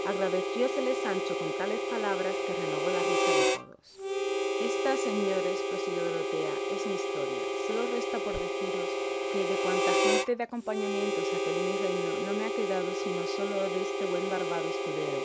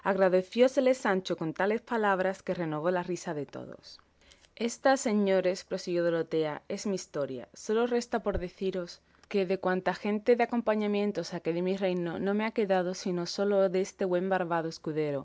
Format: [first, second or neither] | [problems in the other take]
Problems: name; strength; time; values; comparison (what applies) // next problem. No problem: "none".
second | background sound (Harmonica); 5 dB above the speech